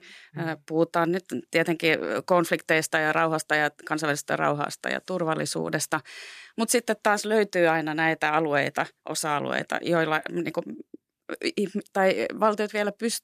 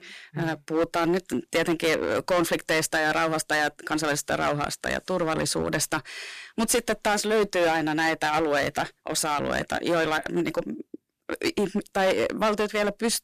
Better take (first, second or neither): first